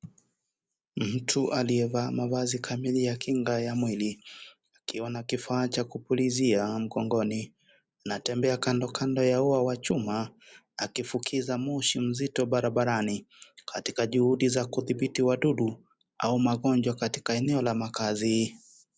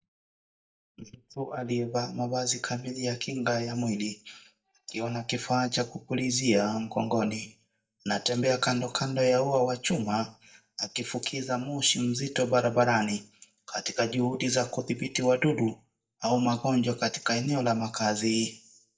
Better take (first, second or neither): first